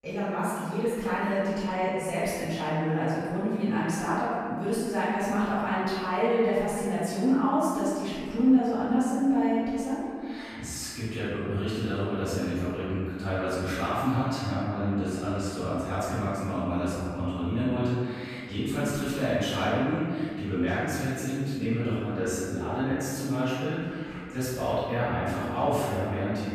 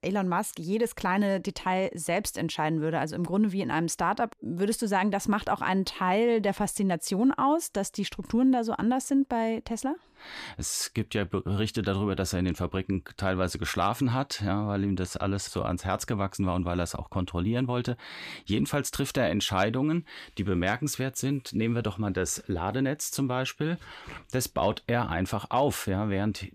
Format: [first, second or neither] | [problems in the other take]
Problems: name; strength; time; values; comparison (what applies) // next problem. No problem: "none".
second | room echo; strong; dies away in 1.9 s // off-mic speech; far